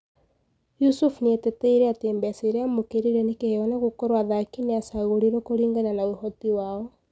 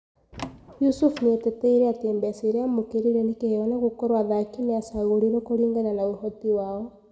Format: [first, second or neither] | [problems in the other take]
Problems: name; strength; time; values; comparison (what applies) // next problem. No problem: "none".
first | background sound (Door); 17 dB below the speech // room echo; dies away in 1.1 s